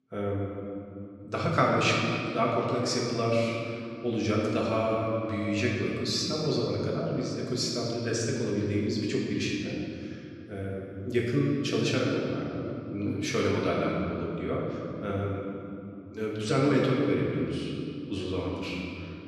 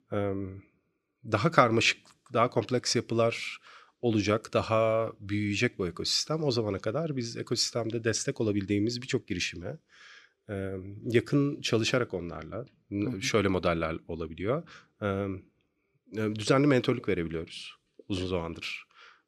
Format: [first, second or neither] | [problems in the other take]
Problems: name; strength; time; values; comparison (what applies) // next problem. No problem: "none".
second | room echo; noticeable; dies away in 2.8 s // off-mic speech; far